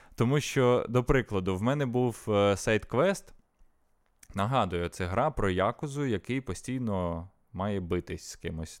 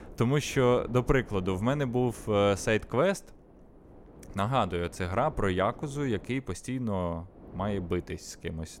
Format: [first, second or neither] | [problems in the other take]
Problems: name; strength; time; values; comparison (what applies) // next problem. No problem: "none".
first | wind noise on the microphone; occasional gusts; 20 dB below the speech